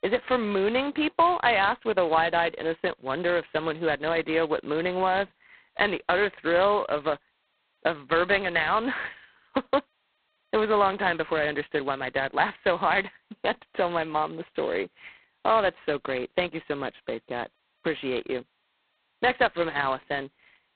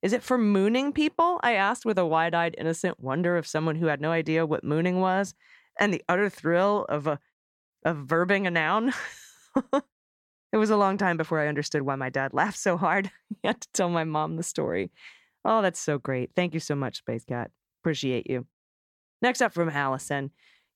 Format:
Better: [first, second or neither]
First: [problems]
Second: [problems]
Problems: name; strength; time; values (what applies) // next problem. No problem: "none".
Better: second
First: phone-call audio; poor line; nothing above 4 kHz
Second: none